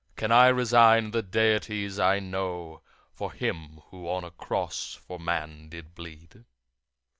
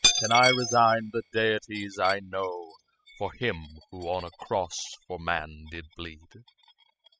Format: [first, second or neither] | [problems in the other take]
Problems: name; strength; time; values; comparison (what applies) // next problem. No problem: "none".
first | noise reduction (classical method spectral subtraction)